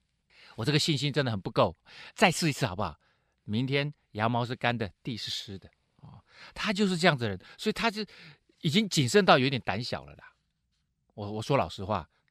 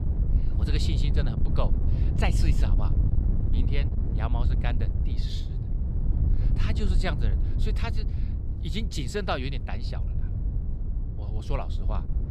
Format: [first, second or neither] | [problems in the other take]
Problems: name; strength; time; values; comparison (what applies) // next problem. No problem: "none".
first | wind noise on the microphone; heavy; 7 dB below the speech